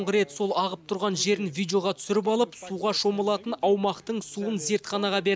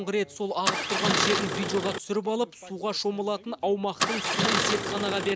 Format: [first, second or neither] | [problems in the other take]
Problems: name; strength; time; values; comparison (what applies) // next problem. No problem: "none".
first | background sound (Engine starting); 1 dB above the speech